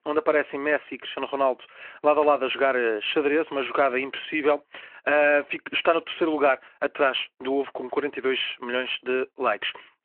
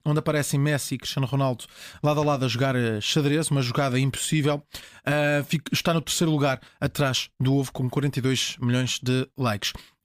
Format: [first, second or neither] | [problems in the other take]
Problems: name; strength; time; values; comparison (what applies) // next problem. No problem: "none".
second | phone-call audio